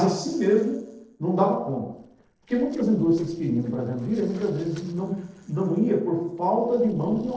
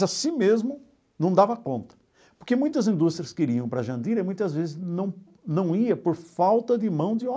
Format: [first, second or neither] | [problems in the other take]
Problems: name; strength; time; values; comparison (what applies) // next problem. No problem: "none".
second | noise reduction (neural separator model SepFormer DNS4)